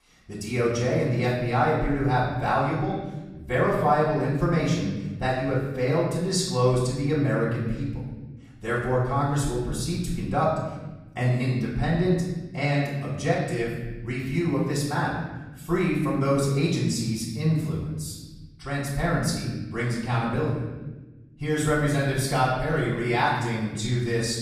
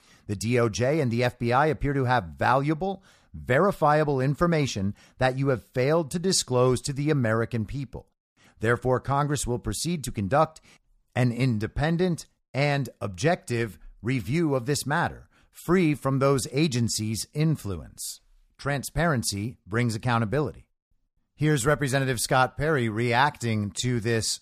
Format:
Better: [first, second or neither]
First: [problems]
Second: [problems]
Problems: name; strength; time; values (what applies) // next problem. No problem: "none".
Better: second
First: off-mic speech; far // room echo; noticeable; dies away in 1.2 s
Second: none